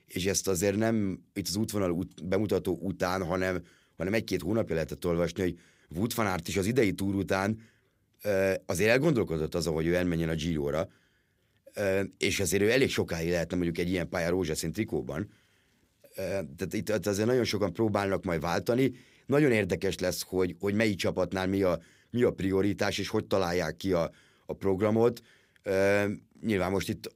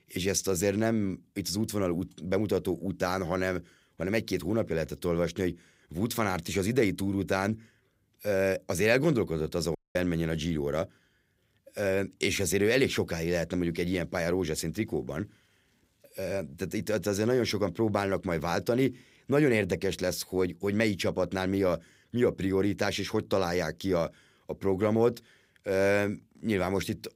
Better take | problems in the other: first | audio cutting out; at 10 s

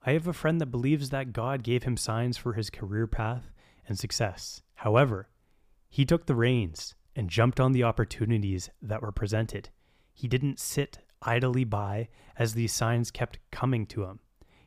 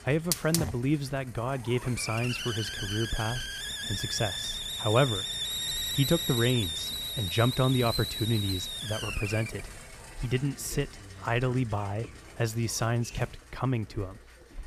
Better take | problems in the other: first | hiss; loud; throughout; 2 dB below the speech

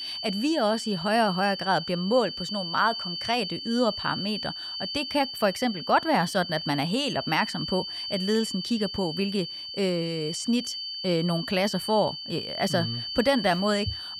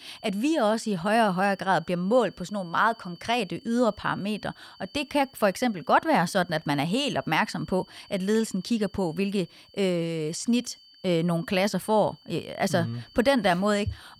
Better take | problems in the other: second | high-pitched whine; loud; throughout; 4.5 kHz, 6 dB below the speech; faint in the second

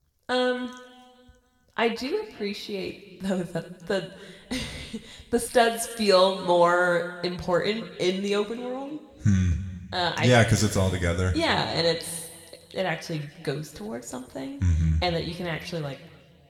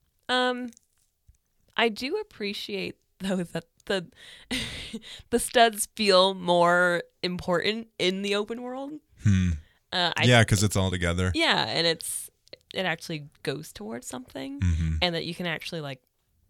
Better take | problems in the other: second | room echo; slight; dies away in 1.4 s

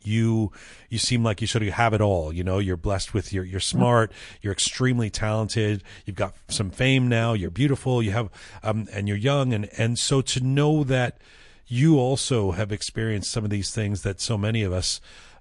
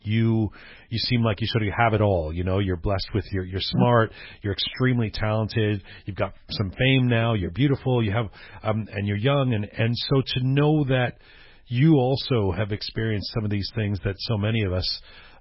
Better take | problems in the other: first | garbled, watery; badly; nothing above 5.5 kHz; slightly in the first

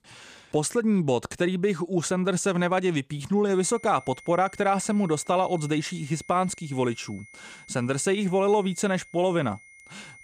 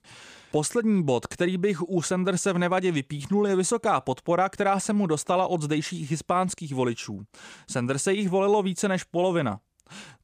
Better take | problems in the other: second | high-pitched whine; faint; from 3.5 s on; 2 kHz, 20 dB below the speech

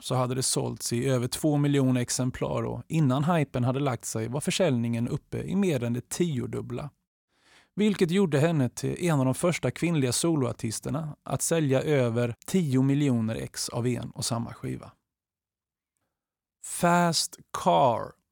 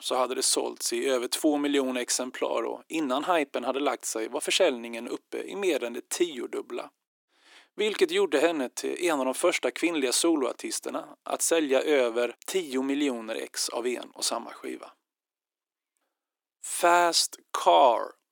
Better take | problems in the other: first | thin; somewhat; fading below 300 Hz

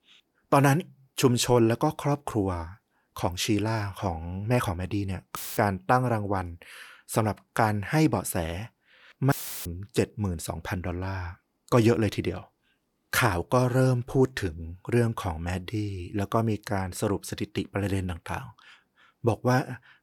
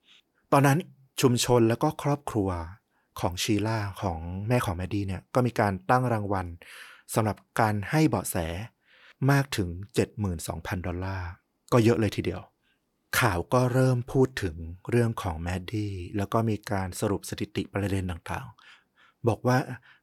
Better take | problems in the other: second | audio cutting out; filled with static; at 5.5 s and at 9.5 s

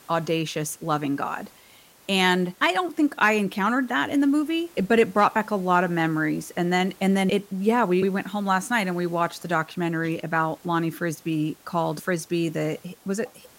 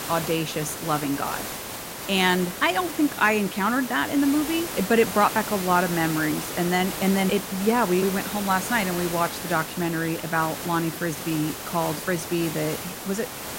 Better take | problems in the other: first | hiss; loud; throughout; 7 dB below the speech; faint in the first

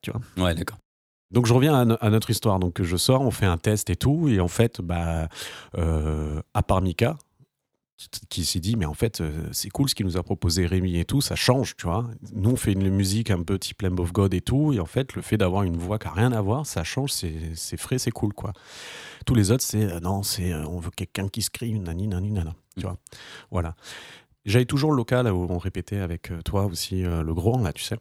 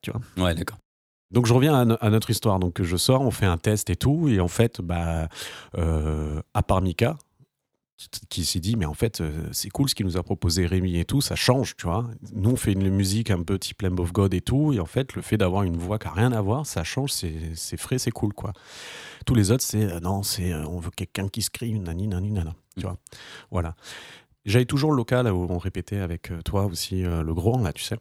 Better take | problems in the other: neither | none

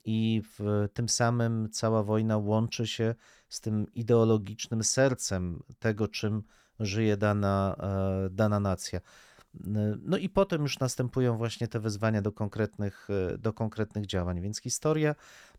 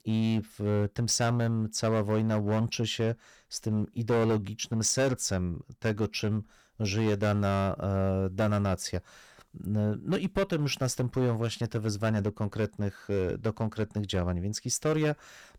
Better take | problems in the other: first | distortion; slight; 8% of the sound clipped

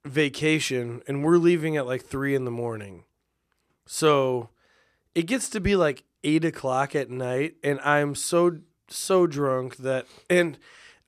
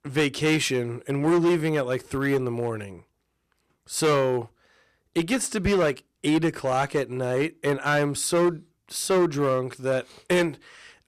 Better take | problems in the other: first | distortion; slight; 7% of the sound clipped

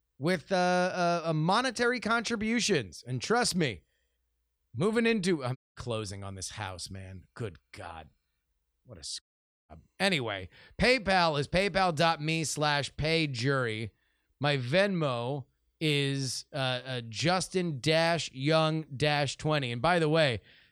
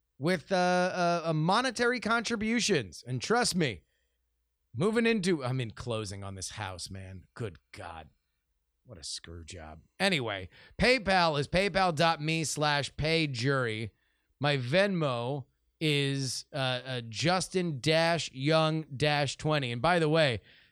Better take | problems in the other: second | audio cutting out; at 5.5 s and at 9 s

